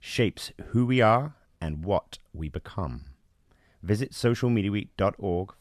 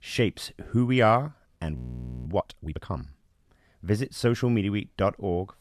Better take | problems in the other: first | audio freezing; at 2 s

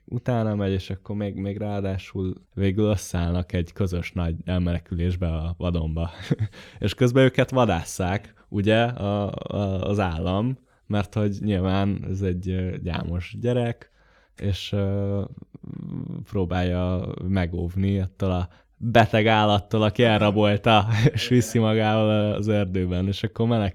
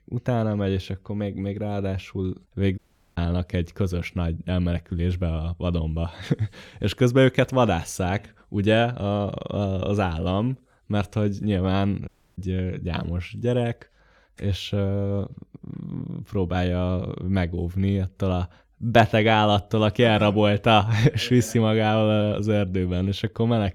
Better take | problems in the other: first | audio cutting out; at 3 s and at 12 s

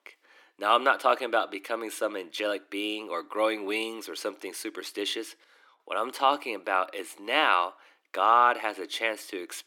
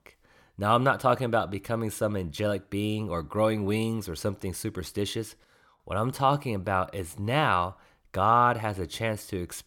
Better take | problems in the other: second | thin; very; fading below 300 Hz

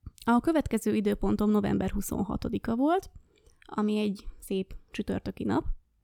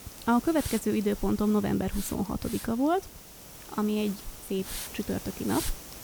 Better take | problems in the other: first | hiss; noticeable; throughout; 10 dB below the speech

